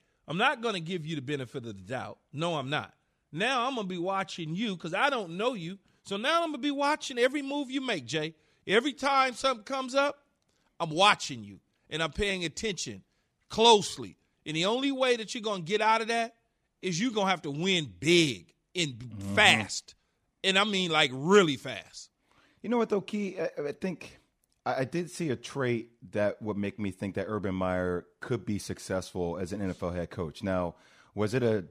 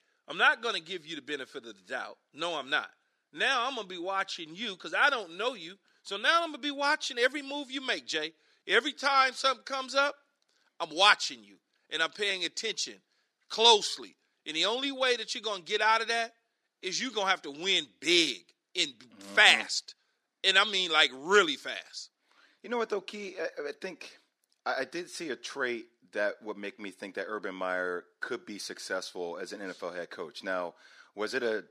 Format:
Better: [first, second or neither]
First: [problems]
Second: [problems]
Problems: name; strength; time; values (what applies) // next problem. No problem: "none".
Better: first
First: none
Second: thin; somewhat; fading below 300 Hz